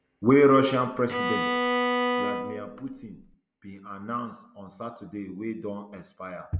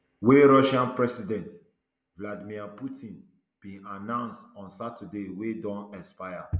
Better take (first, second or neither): second